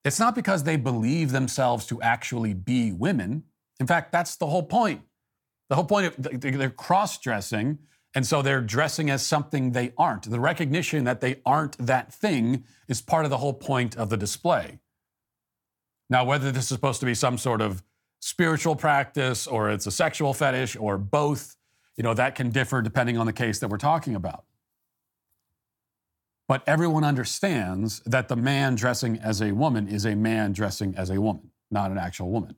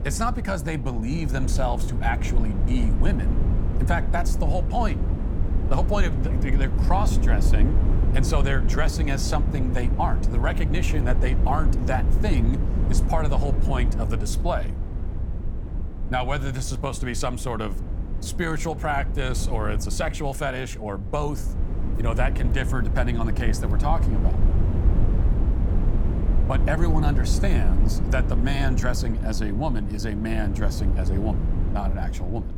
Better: first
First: none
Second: wind noise on the microphone; heavy; 8 dB below the speech

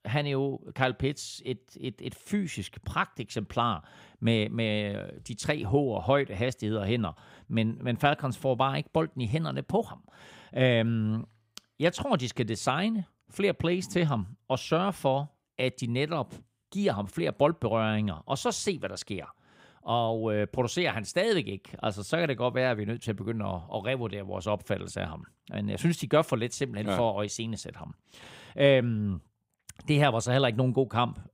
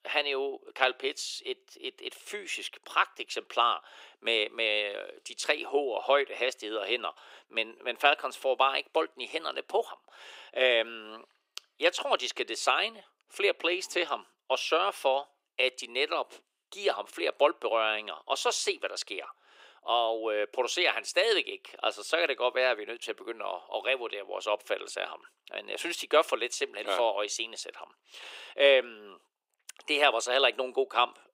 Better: first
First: none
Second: thin; very; fading below 350 Hz

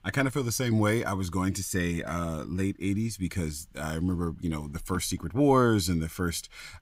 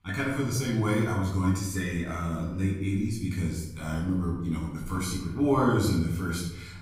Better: first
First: none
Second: room echo; noticeable; dies away in 0.9 s // off-mic speech; far

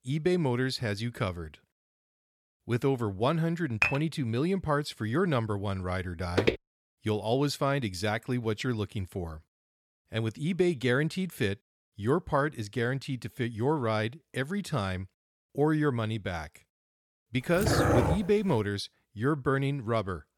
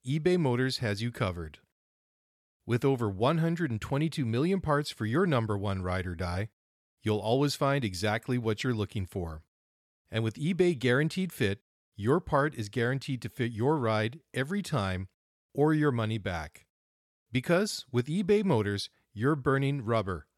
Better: second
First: clattering dishes; loud; at 4 s; peak 2 dB above the speech // footsteps; loud; at 6.5 s; peak 2 dB above the speech // dog barking; loud; at 18 s; peak 5 dB above the speech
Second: none

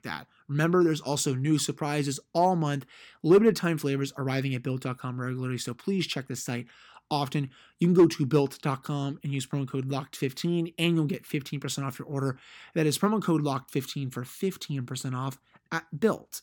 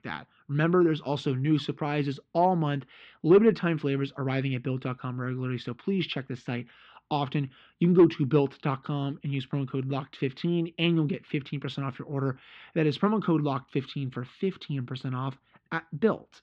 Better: first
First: none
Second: muffled; slightly; fading above 3.5 kHz

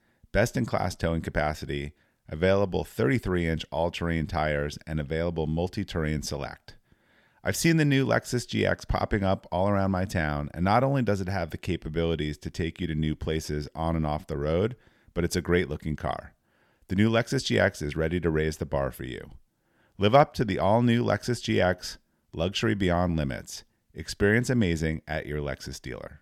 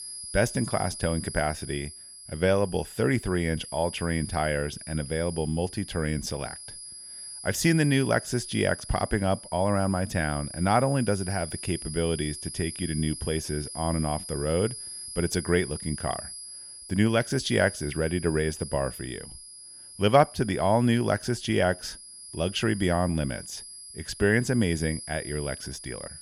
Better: first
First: none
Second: high-pitched whine; noticeable; throughout; 11 kHz, 10 dB below the speech

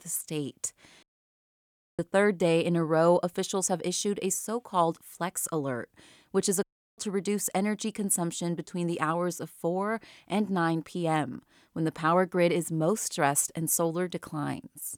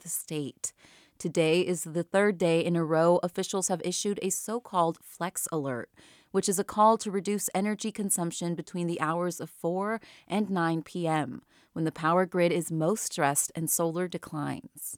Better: second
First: audio cutting out; at 1 s for 1 s and at 6.5 s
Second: none

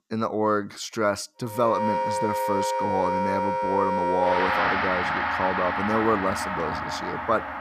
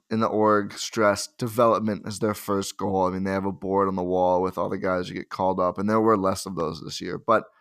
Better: second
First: background music; very loud; from 1.5 s on; 1 dB above the speech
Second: none

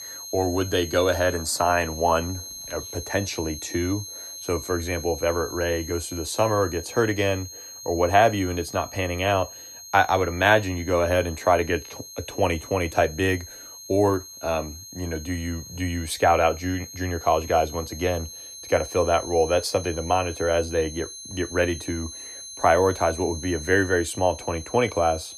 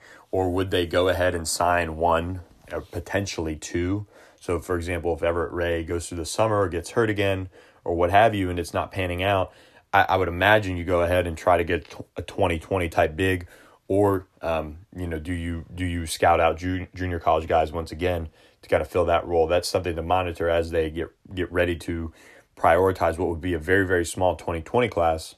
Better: second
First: high-pitched whine; noticeable; throughout; 6.5 kHz, 10 dB below the speech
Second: none

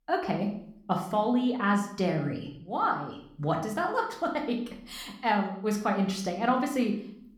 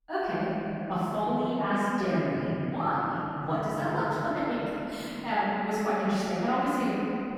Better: first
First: room echo; slight; dies away in 0.5 s // off-mic speech; somewhat distant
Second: room echo; strong; dies away in 3 s // off-mic speech; far

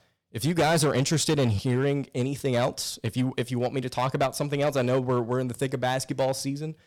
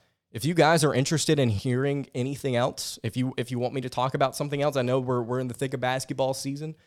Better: second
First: distortion; slight; 6% of the sound clipped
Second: none

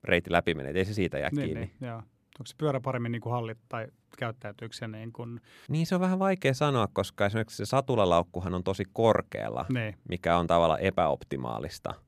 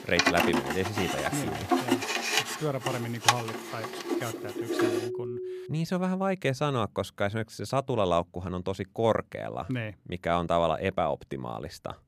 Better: first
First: none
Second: background music; very loud; until 5.5 s; 1 dB above the speech

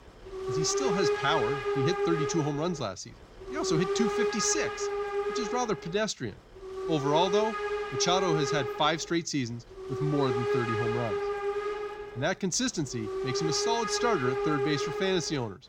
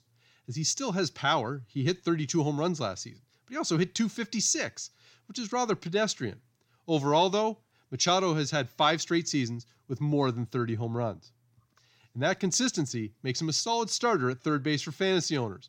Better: second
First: hiss; loud; throughout; 1 dB below the speech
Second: none

